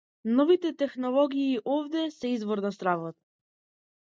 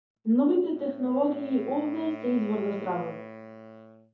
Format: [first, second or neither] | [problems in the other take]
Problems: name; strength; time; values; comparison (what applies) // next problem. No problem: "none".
first | background sound (Wind instrument, woodwind instrument); 15 dB below the speech // room echo; dies away in 0.5 s